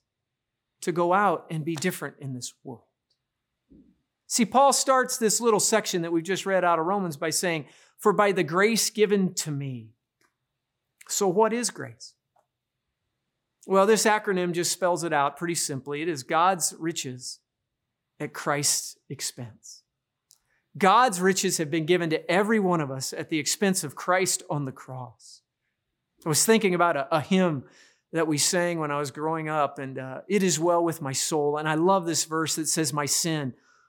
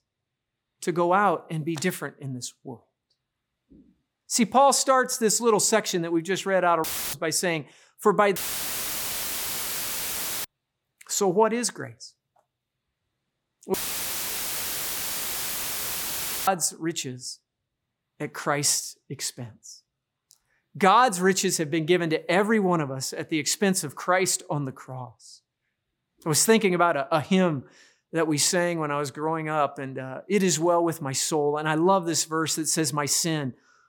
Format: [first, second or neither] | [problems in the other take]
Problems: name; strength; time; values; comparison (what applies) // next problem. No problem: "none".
first | audio cutting out; filled with static; at 7 s, at 8.5 s for 2 s and at 14 s for 2.5 s